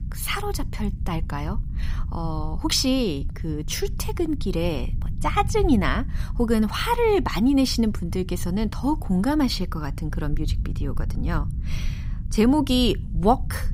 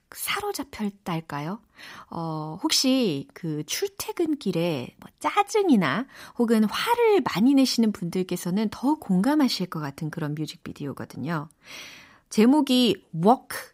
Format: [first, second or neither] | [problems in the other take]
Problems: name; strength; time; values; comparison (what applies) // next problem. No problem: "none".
second | low rumble; faint; throughout; 20 dB below the speech